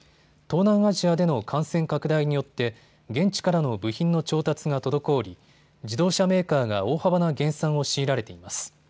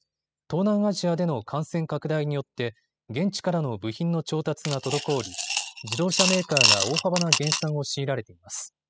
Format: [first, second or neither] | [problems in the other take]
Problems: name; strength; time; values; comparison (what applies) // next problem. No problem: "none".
first | noise reduction (classical method spectral subtraction)